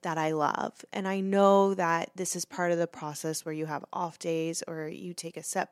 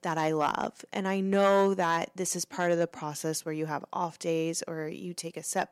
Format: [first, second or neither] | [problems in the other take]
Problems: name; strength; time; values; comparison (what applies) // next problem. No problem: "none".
first | distortion; slight; 1.2% of the sound clipped